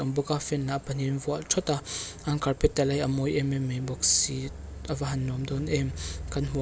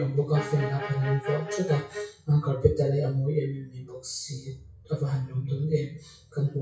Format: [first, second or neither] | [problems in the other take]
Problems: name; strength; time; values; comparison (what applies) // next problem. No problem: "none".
first | noise reduction (classical method WPE with log-MMSE)